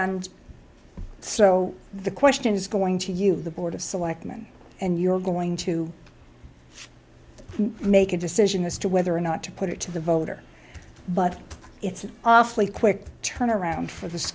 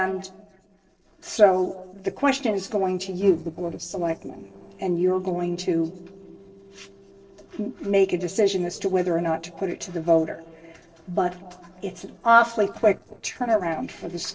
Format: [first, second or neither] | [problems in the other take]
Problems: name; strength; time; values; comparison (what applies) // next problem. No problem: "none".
first | noise reduction (neural separator model SepFormer DNS4)